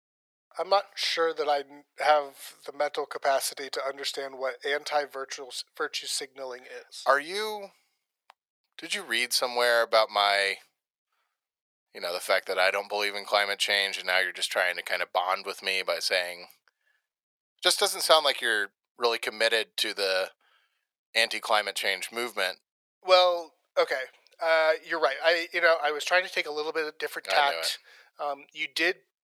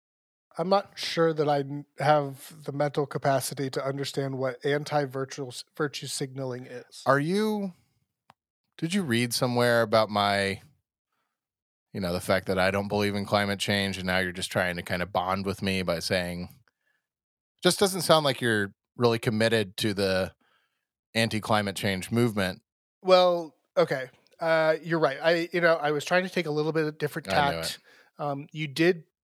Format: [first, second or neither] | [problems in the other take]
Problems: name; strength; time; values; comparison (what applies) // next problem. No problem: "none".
second | thin; very; fading below 500 Hz